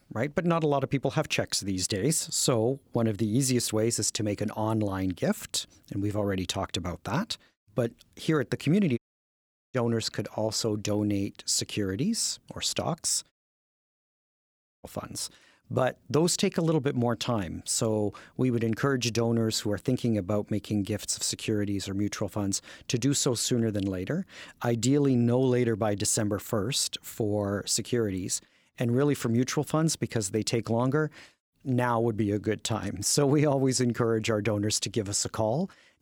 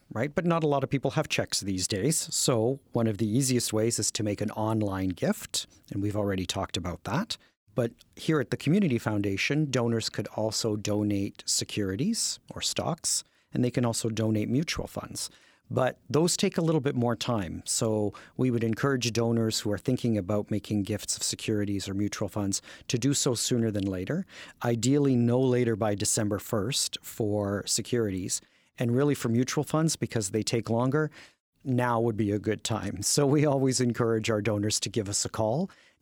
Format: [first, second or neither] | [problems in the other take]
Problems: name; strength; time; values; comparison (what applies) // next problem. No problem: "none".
second | audio cutting out; at 9 s for 1 s and at 13 s for 1.5 s